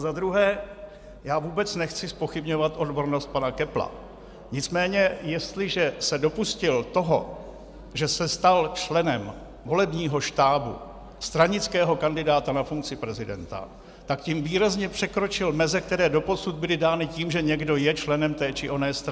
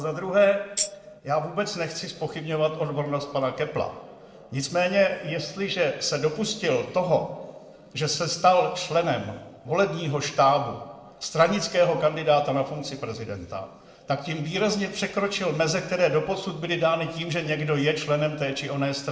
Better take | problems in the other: first | noise reduction (neural separator model SepFormer DNS4)

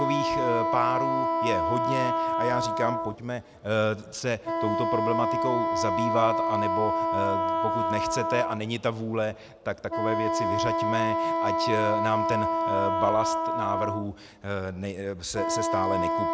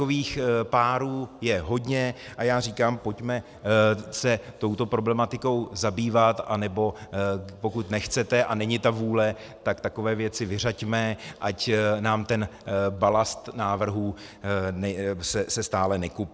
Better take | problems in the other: second | background sound (Wind instrument, woodwind instrument); 3 dB above the speech

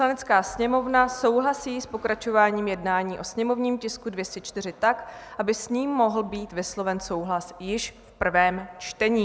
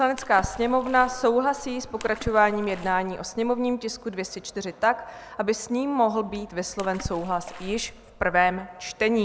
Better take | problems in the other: first | background sound (Water / Splash, splatter); 14 dB below the speech

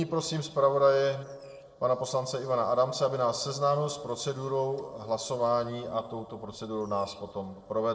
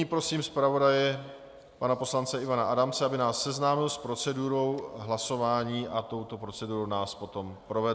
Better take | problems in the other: second | noise reduction (neural separator model SepFormer DNS4)

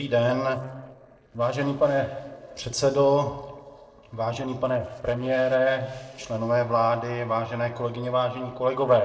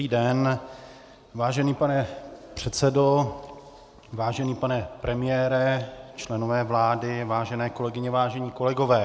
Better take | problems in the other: second | noise reduction (neural separator model SepFormer DNS4)

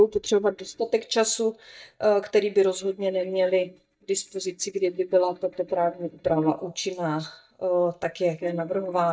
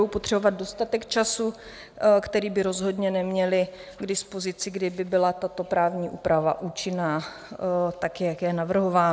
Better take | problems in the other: second | noise reduction (neural mask model DeepFilterNet 3)

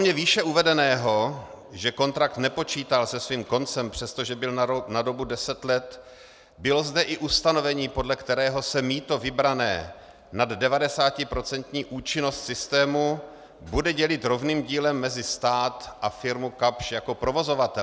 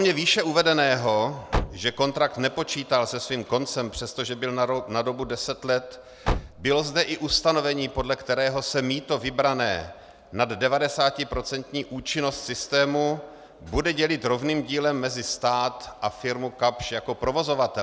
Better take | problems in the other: first | background sound (Car); 7 dB below the speech

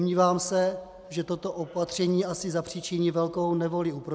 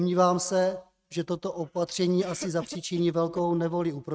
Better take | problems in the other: first | noise reduction (neural mask model RNNoise)

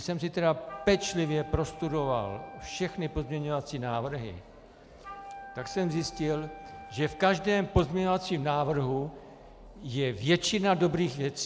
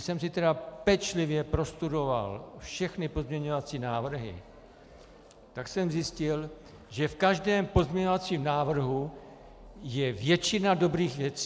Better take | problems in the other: second | background sound (Wind instrument, woodwind instrument); 17 dB below the speech

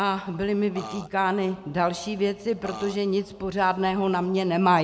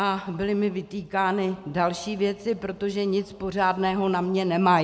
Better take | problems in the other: second | background sound (Burping, eructation); 12 dB below the speech

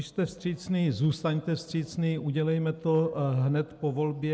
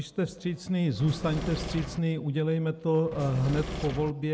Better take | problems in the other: first | background sound (Engine / Mechanisms); 7 dB below the speech

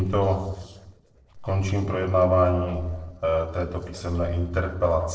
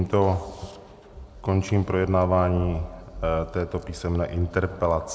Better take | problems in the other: second | noise reduction (neural separator model SepFormer DNS4)

